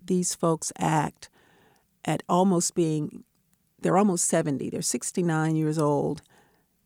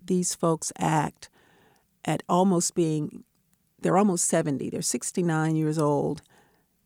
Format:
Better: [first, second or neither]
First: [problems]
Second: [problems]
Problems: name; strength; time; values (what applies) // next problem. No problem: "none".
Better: neither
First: none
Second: none